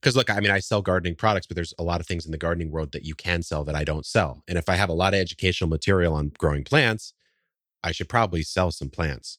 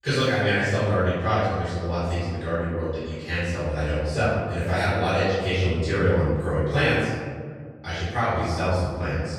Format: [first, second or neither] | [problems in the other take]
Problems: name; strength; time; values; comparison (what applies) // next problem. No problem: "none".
first | off-mic speech; far // room echo; strong; dies away in 1.8 s